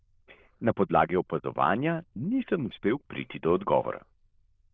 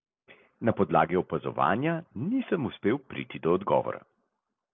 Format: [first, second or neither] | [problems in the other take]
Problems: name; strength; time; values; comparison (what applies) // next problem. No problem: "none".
second | noise reduction (neural diffusion model UNIVERSE++)